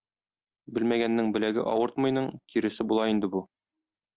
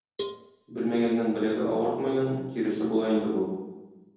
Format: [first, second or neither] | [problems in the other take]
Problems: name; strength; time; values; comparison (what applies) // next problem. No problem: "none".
first | background sound (Cowbell); 16 dB below the speech // room echo; dies away in 1.1 s